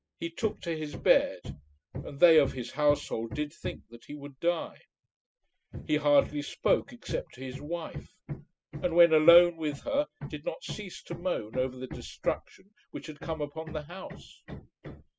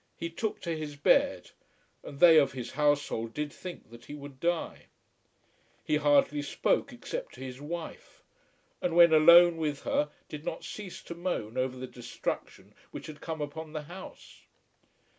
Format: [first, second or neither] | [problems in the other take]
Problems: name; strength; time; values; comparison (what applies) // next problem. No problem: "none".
second | noise reduction (classical method spectral subtraction)